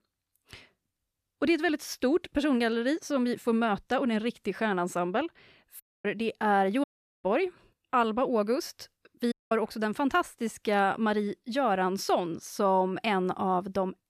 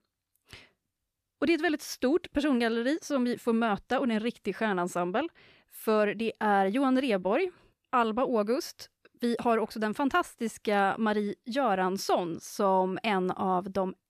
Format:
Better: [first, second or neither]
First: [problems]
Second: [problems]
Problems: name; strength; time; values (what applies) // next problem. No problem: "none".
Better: second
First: audio cutting out; at 6 s, at 7 s and at 9.5 s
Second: none